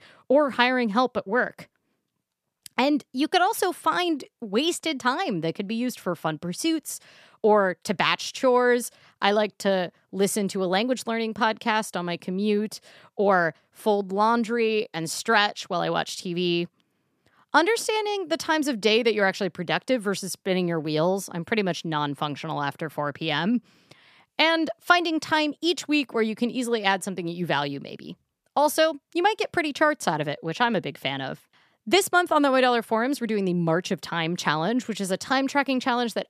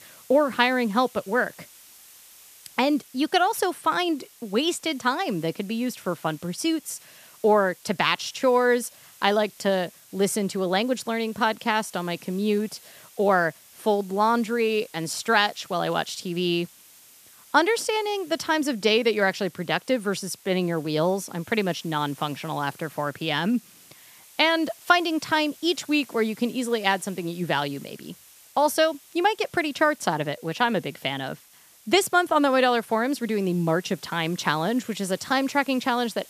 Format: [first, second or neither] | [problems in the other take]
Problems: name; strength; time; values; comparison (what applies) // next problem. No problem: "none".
first | hiss; faint; throughout; 25 dB below the speech